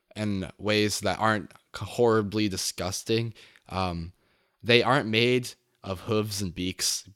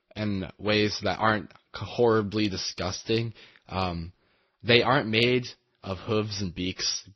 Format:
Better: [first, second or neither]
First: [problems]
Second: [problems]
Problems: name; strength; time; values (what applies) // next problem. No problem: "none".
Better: first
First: none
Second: garbled, watery; slightly; nothing above 6 kHz